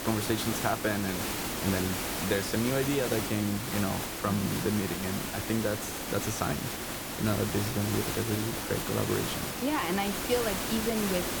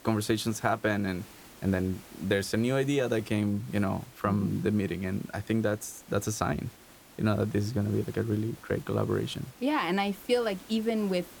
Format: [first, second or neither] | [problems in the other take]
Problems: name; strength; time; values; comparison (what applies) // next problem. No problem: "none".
second | hiss; loud; throughout; 1 dB below the speech; faint in the second